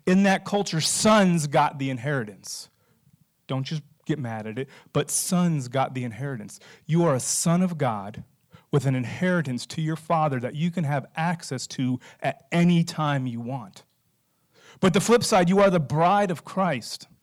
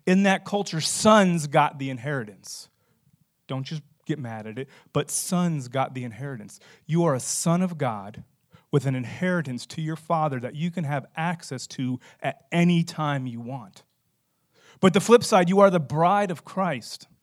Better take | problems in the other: second | distortion; slight; 10 dB below the speech

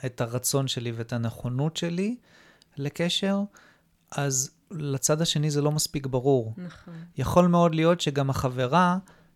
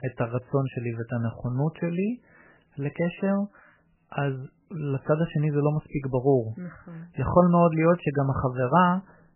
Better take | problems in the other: first | garbled, watery; badly; nothing above 3 kHz

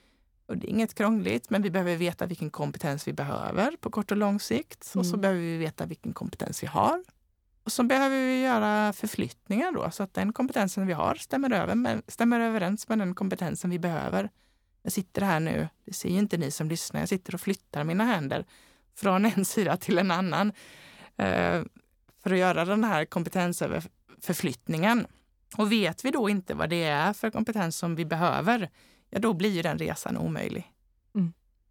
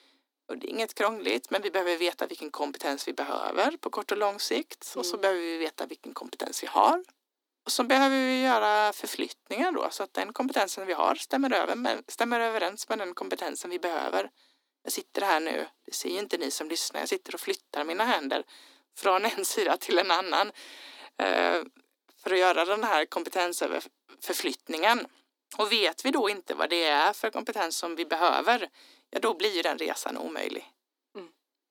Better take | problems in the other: first | thin; somewhat; fading below 250 Hz

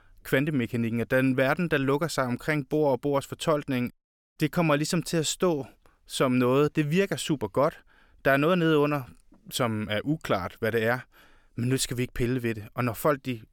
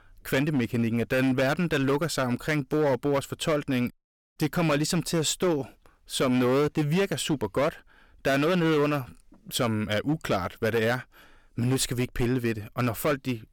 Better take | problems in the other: first | distortion; slight; 11% of the sound clipped

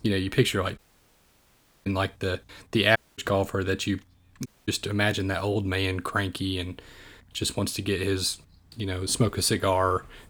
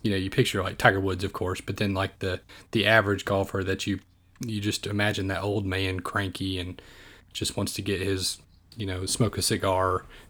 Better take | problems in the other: second | audio cutting out; at 1 s for 1 s, at 3 s and at 4.5 s

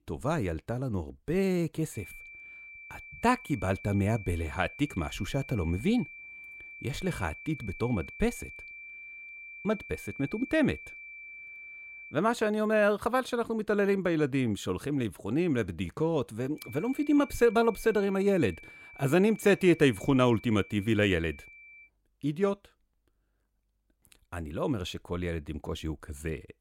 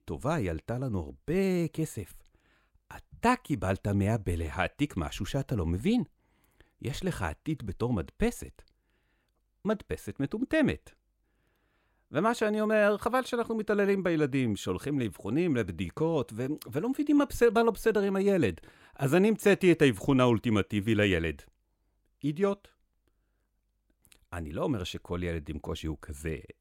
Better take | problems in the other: second | high-pitched whine; noticeable; from 2 to 12 s and from 17 to 22 s; 2.5 kHz, 15 dB below the speech

